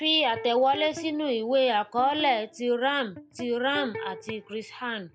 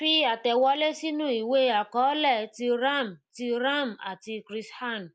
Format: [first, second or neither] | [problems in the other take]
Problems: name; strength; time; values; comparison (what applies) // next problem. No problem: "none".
second | background sound (Electric guitar); 16 dB below the speech